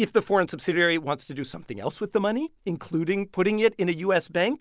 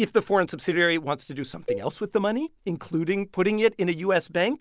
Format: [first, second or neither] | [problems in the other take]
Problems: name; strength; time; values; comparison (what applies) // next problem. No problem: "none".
first | background sound (Cowbell); 12 dB below the speech